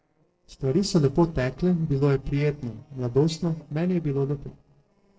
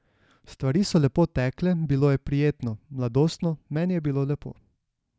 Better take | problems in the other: second | noise reduction (neural separator model SepFormer DNS4)

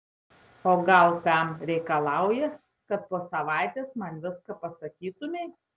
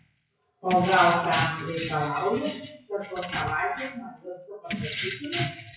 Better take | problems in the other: first | noise reduction (classical method WPE with log-MMSE)

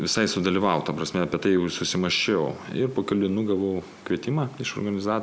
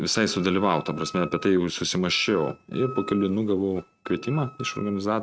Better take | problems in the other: first | noise reduction (neural mask model RNNoise)

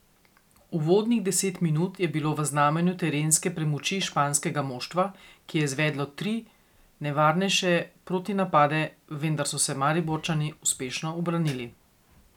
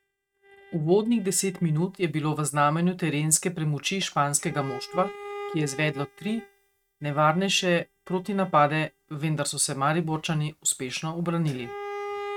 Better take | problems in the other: first | noise reduction (neural mask model RNNoise)

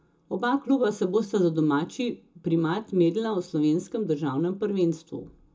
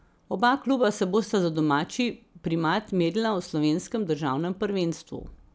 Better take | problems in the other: second | room echo; dies away in 0.2 s

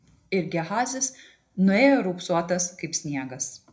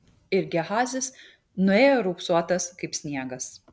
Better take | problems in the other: second | room echo; dies away in 0.3 s

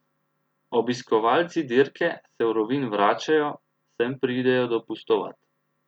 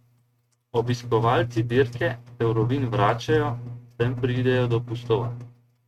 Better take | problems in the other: first | noise reduction (neural mask model RNNoise)

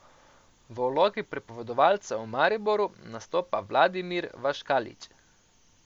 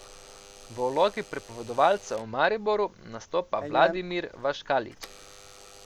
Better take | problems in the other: first | background sound (Alarm / Door); 14 dB below the speech

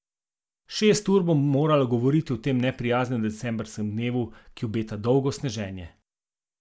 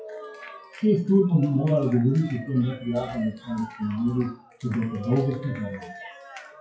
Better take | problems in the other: first | noise reduction (classical method WPE with log-MMSE)

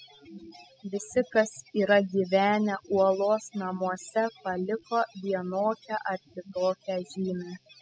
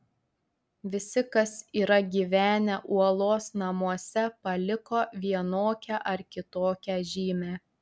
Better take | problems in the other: second | noise reduction (classical method spectral subtraction)

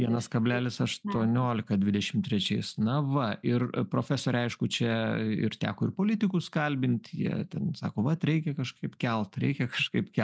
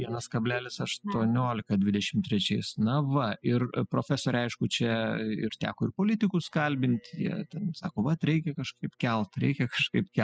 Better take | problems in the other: first | noise reduction (classical method spectral subtraction)

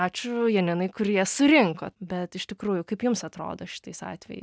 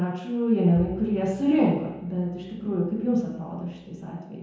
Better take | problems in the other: first | background sound (Bowed string instrument); 20 dB below the speech // room echo; dies away in 0.9 s

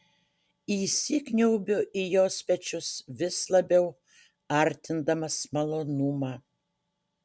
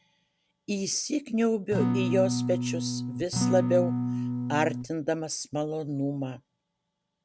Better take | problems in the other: first | background sound (Acoustic guitar / Strum); 2 dB above the speech

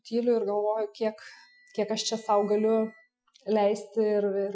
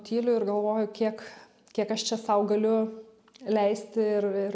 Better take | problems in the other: second | noise reduction (classical method Wiener filter)

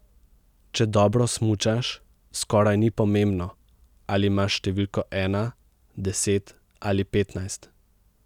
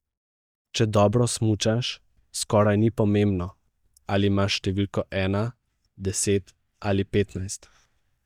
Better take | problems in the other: first | noise reduction (neural mask model DeepFilterNet 3)

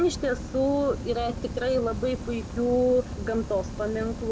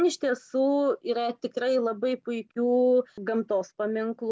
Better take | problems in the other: second | background sound (Fire); 9 dB below the speech

